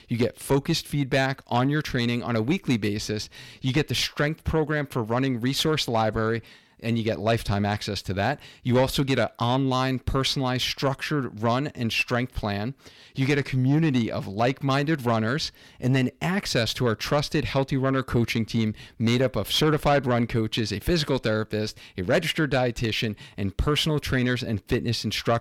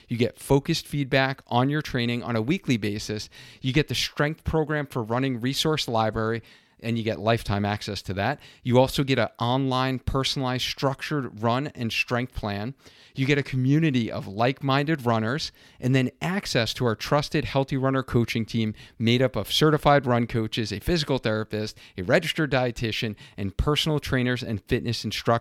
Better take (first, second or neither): second